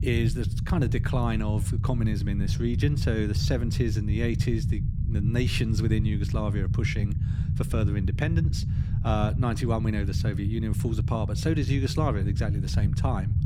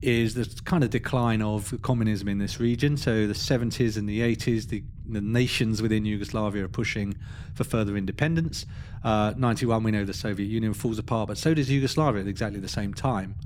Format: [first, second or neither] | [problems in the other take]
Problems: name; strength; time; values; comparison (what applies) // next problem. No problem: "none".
second | low rumble; loud; throughout; 8 dB below the speech; faint in the second